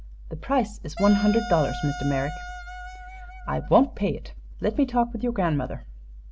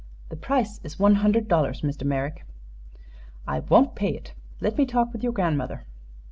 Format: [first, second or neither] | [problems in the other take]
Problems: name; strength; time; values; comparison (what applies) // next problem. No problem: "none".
second | background sound (Wind instrument, woodwind instrument); 12 dB below the speech